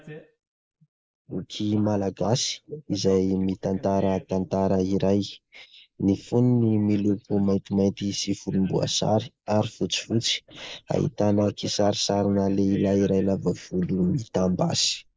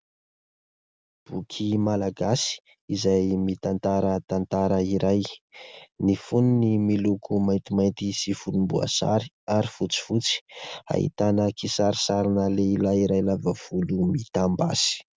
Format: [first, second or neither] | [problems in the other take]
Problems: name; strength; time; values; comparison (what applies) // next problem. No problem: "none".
second | noise reduction (neural mask model Resemble Enhance denoiser)